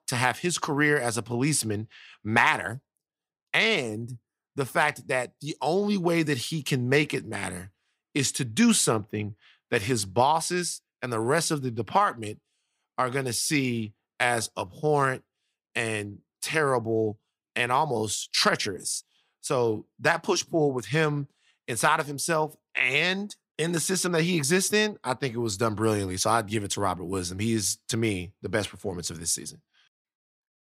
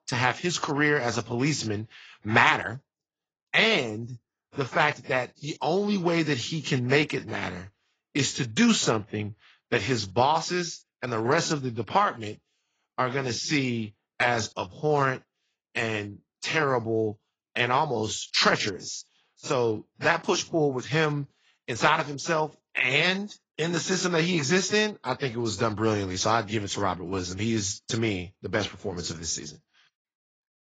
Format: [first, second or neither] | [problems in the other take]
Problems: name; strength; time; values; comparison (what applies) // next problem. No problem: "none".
first | garbled, watery; badly; nothing above 7.5 kHz